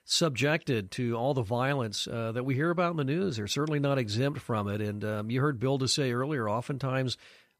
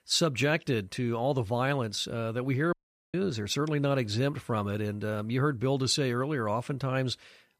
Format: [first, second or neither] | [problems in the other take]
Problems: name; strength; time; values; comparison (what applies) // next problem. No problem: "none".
first | audio cutting out; at 2.5 s